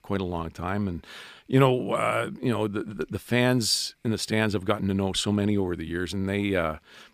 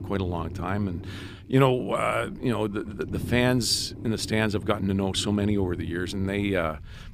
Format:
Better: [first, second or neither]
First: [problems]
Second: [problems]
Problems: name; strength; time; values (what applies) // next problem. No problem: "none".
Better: first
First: none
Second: low rumble; noticeable; throughout; 20 dB below the speech